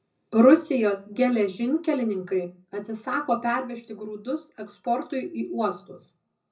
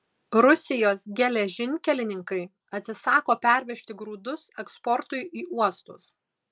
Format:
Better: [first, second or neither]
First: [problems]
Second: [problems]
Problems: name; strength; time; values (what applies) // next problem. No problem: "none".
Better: second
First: room echo; dies away in 0.4 s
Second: none